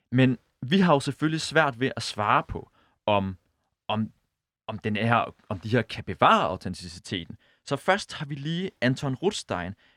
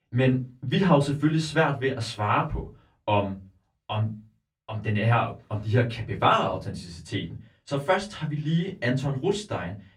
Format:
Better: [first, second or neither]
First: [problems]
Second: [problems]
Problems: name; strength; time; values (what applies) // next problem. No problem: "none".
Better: first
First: none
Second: off-mic speech; far // room echo; very slight; dies away in 0.2 s